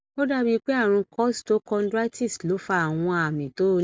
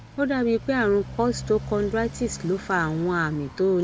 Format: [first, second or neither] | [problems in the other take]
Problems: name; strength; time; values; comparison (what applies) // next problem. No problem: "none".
first | background sound (Motorcycle); 14 dB below the speech